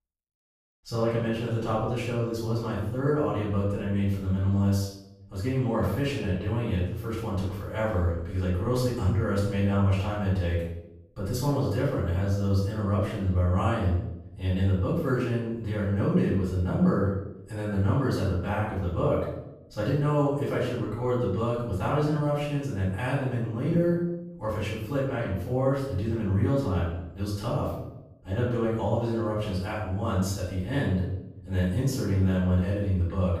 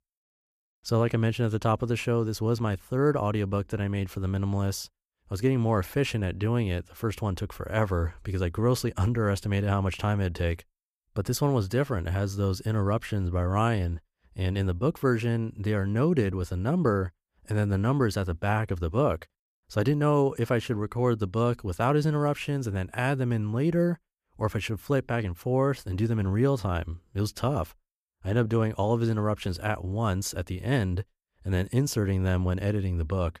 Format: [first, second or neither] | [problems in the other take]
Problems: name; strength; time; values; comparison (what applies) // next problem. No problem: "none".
second | off-mic speech; far // room echo; noticeable; dies away in 0.7 s